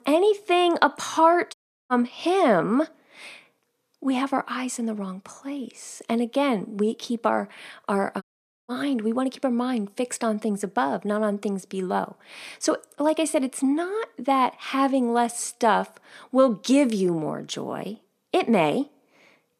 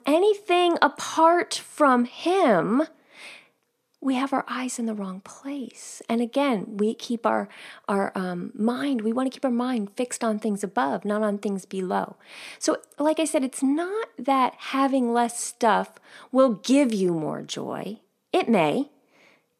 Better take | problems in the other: second | audio cutting out; at 1.5 s and at 8 s

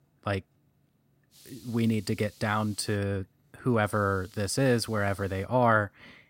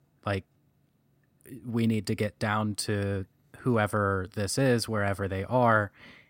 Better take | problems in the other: second | hiss; faint; from 1.5 to 3 s and from 4 to 5.5 s; 25 dB below the speech

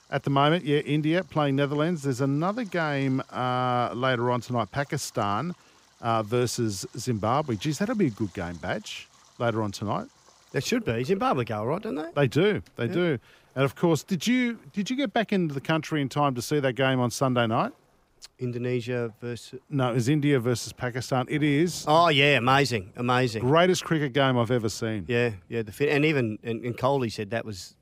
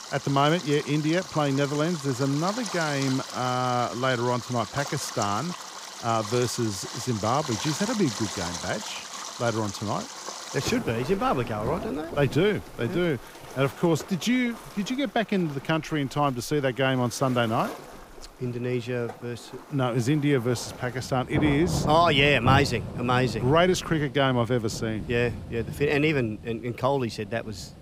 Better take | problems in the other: first | rain or running water; loud; throughout; 9 dB below the speech; faint in the first

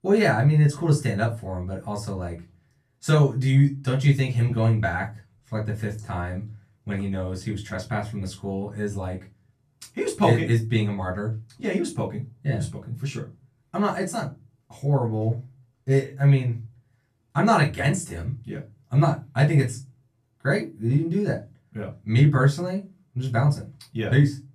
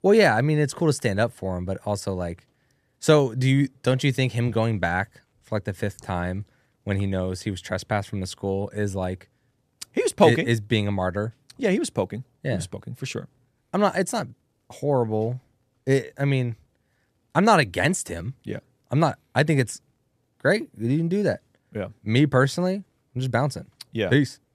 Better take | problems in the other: second | off-mic speech; far // room echo; very slight; dies away in 0.2 s

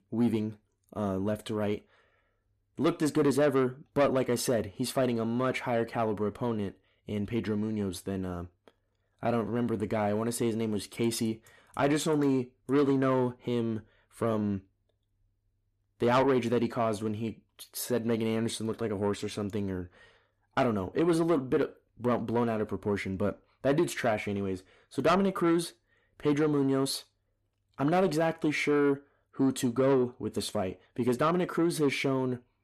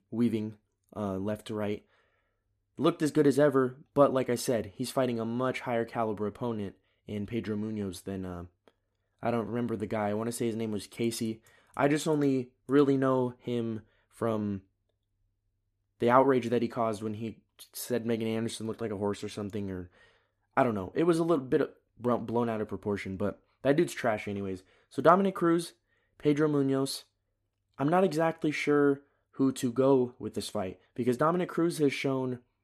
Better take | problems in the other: second | distortion; slight; 10 dB below the speech

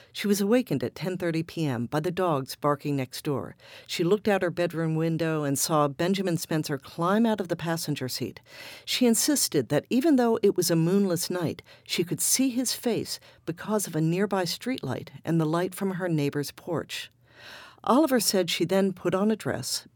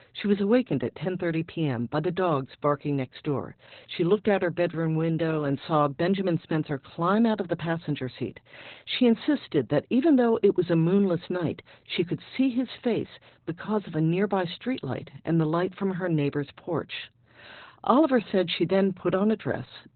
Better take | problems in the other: first | garbled, watery; badly; nothing above 4 kHz

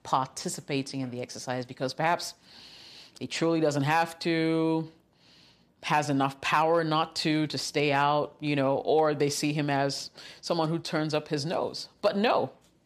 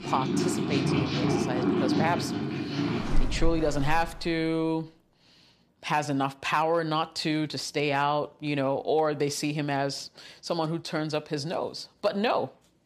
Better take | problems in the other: first | animal sounds; very loud; until 4 s; as loud as the speech

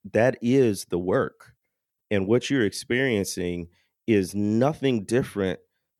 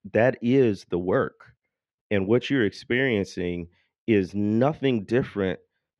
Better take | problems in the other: first | muffled; slightly; fading above 3 kHz

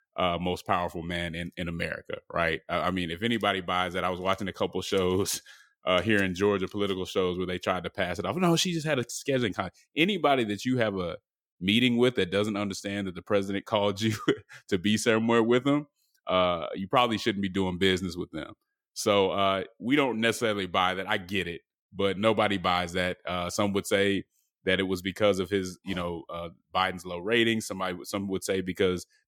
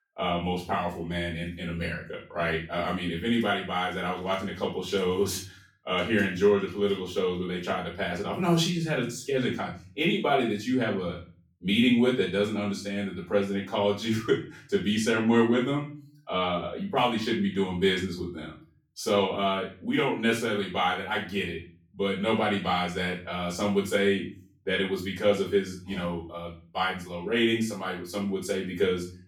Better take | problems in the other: first | room echo; slight; dies away in 0.4 s // off-mic speech; far

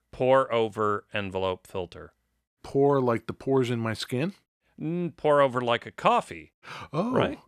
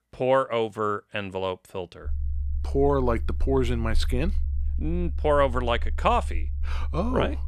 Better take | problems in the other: first | low rumble; faint; from 2 s on; 25 dB below the speech

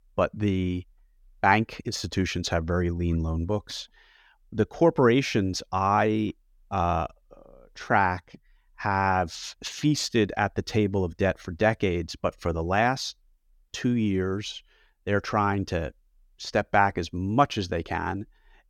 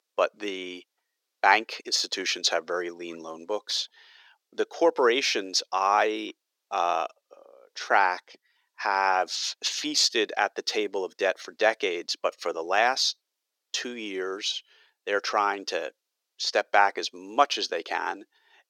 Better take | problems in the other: first | thin; very; fading below 400 Hz

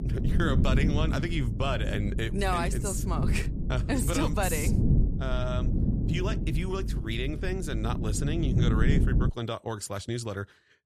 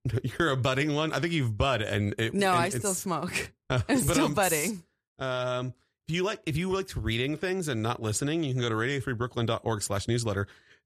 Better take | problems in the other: second | low rumble; loud; until 9.5 s; 6 dB below the speech

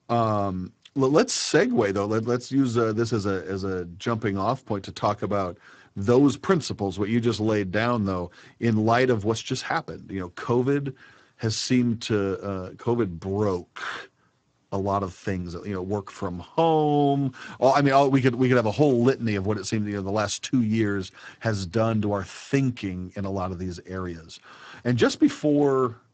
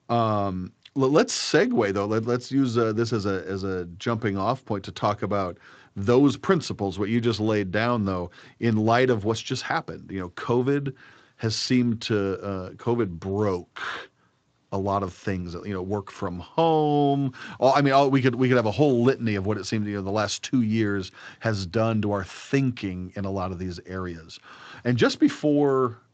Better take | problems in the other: second | garbled, watery; badly; nothing above 8 kHz; slightly in the second

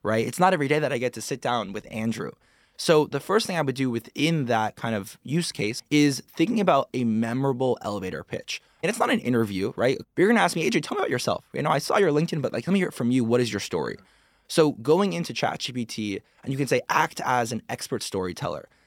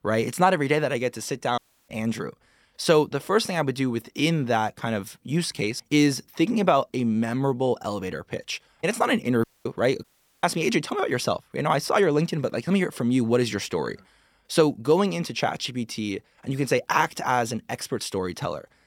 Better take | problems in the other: first | audio cutting out; at 1.5 s, at 9.5 s and at 10 s

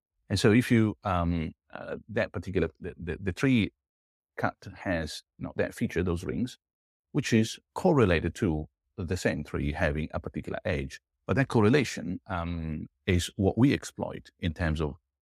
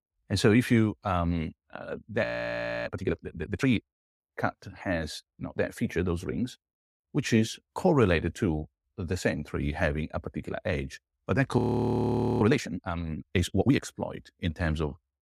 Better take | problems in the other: first | audio freezing; at 2 s for 0.5 s and at 12 s for 1 s

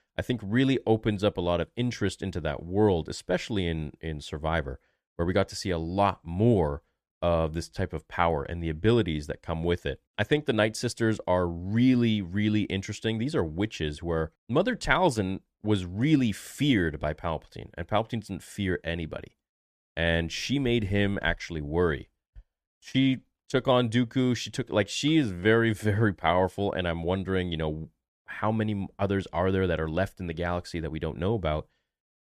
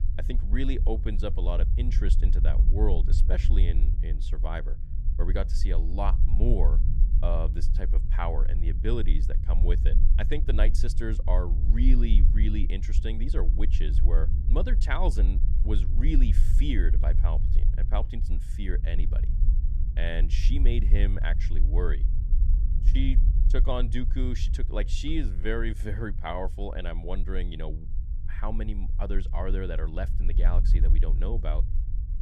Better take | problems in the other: first | low rumble; noticeable; throughout; 10 dB below the speech

